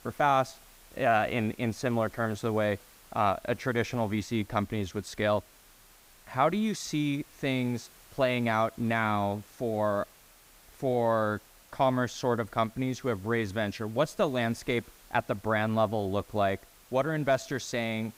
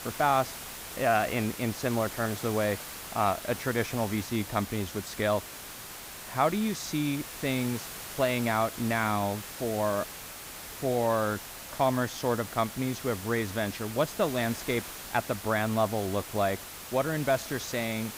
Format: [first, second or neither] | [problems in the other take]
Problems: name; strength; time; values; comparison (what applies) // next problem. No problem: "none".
first | hiss; loud; throughout; 9 dB below the speech; faint in the first